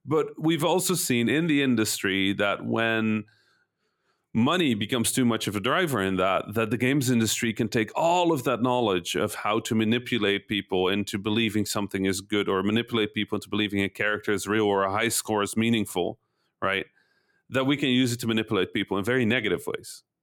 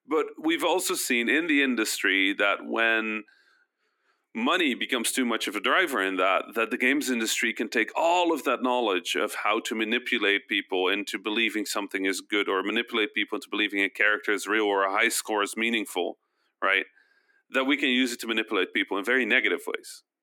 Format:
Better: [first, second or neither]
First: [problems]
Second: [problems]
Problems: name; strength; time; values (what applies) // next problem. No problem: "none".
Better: first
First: none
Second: thin; very slightly; fading below 250 Hz